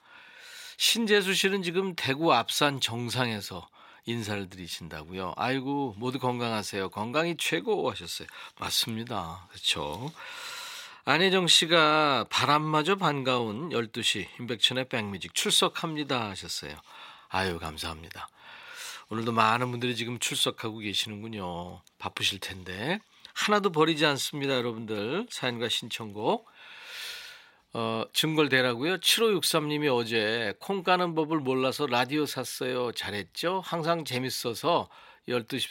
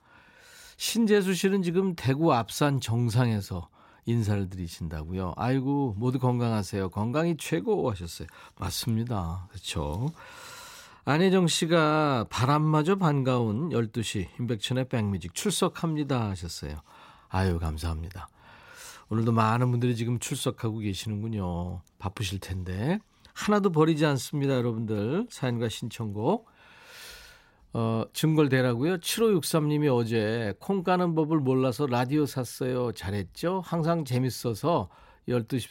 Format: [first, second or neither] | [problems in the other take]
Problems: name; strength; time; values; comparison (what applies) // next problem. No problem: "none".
second | thin; somewhat; fading below 1 kHz